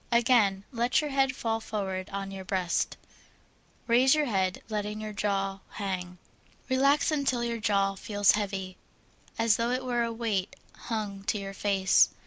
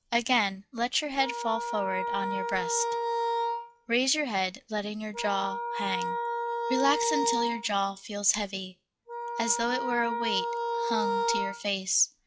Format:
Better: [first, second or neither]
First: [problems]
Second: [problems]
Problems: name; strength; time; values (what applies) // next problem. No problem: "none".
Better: first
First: none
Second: noise reduction (classical method log-MMSE)